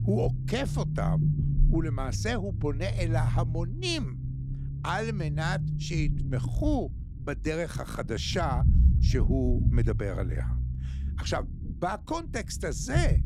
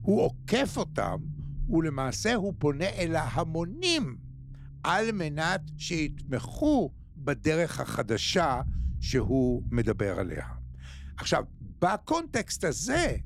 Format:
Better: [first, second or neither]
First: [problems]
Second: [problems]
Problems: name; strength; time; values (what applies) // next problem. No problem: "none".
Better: second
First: low rumble; loud; throughout; 9 dB below the speech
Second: low rumble; faint; throughout; 25 dB below the speech